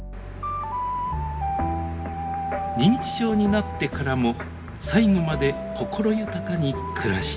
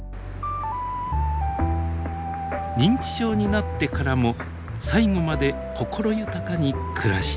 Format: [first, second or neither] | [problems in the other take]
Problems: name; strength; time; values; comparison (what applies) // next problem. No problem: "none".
second | room echo; dies away in 1.2 s